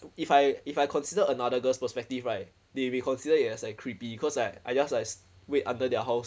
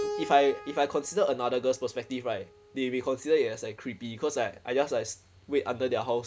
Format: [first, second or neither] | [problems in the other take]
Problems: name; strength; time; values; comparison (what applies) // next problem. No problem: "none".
first | background sound (Keyboard (musical)); 15 dB below the speech